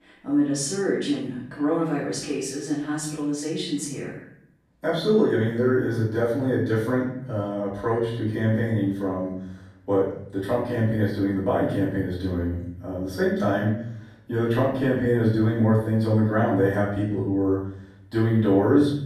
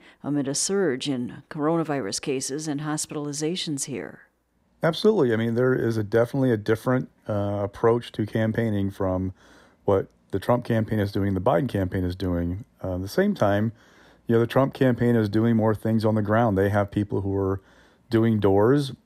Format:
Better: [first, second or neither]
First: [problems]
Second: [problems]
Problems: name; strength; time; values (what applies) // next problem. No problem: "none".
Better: second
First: off-mic speech; far // room echo; noticeable; dies away in 0.6 s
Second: none